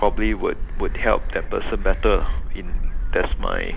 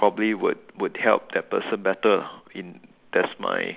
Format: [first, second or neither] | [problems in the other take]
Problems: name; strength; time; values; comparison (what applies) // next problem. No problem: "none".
second | background sound (Gull, seagull); 3 dB above the speech